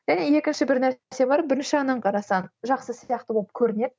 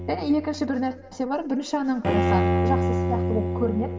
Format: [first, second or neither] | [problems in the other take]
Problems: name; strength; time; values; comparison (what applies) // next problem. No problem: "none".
first | background sound (Bowed string instrument); 1 dB above the speech // room echo; dies away in 1.9 s